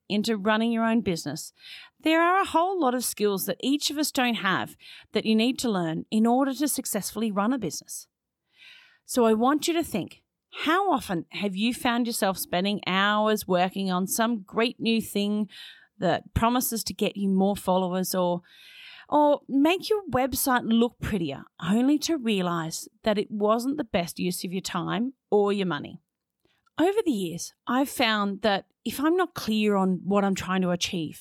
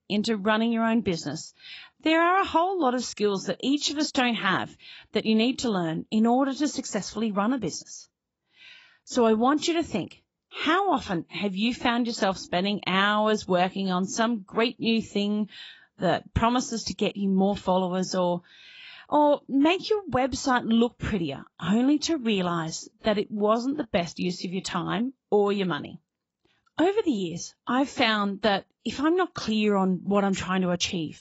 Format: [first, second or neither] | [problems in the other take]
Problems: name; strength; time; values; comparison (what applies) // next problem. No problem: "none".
first | garbled, watery; badly; nothing above 7.5 kHz